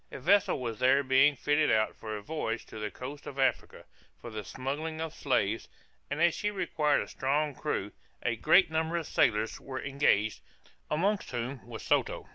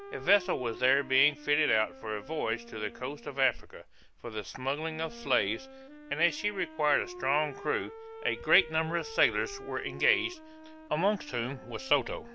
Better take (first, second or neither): first